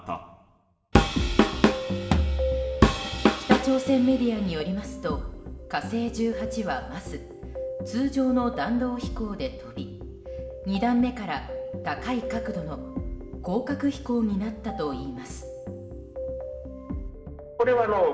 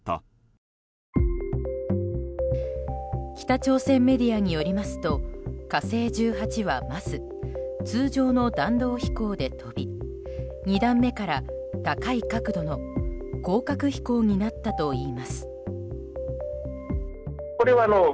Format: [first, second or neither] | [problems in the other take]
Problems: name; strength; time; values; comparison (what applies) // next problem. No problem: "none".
second | background sound (Drum kit); 4 dB above the speech // room echo; dies away in 0.9 s